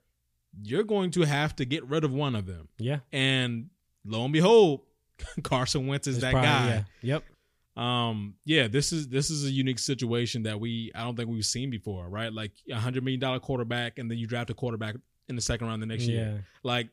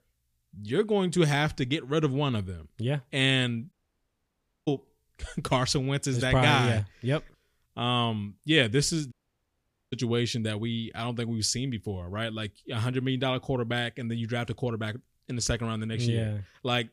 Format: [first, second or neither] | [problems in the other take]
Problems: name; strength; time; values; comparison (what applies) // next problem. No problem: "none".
first | audio cutting out; at 3.5 s for 1 s and at 9 s for 1 s